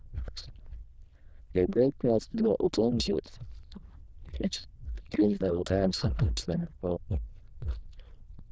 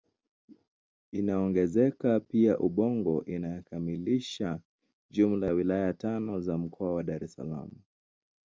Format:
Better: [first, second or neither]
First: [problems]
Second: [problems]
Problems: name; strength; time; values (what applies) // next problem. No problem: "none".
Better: second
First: noise reduction (neural diffusion model UNIVERSE++)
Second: none